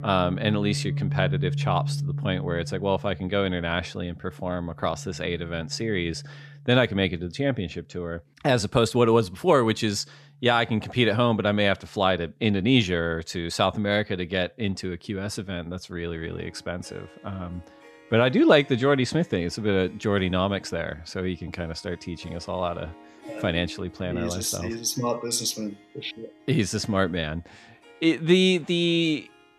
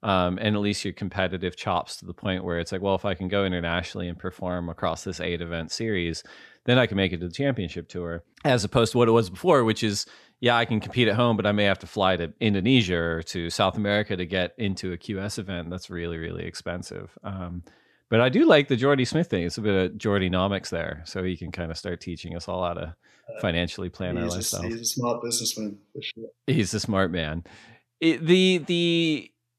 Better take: second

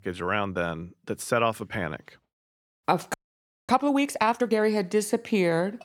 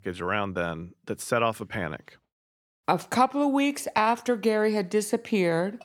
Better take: second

